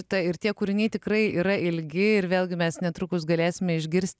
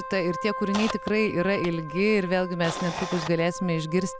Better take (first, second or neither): first